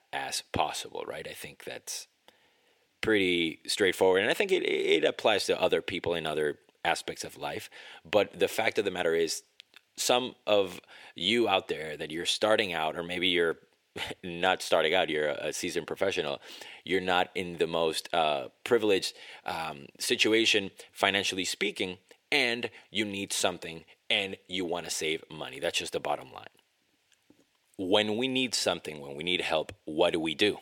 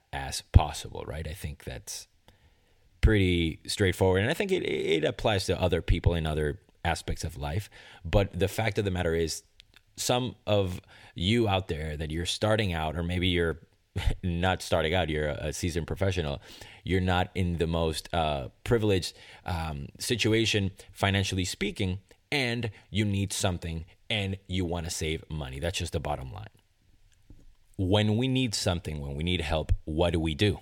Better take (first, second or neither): second